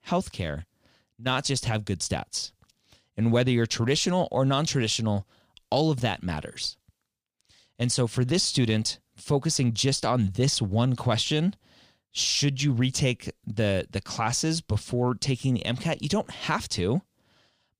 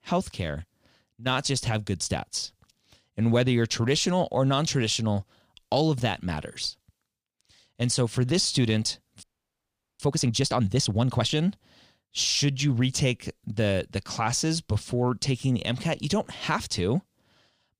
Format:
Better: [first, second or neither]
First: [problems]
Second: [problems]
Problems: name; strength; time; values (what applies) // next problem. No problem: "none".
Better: first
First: none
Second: audio freezing; at 9 s for 1 s